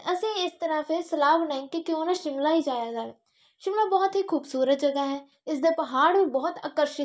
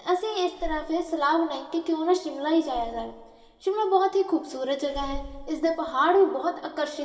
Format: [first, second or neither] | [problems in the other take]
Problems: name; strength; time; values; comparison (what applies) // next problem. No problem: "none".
first | background sound (Breathing); 17 dB below the speech // room echo; dies away in 1.6 s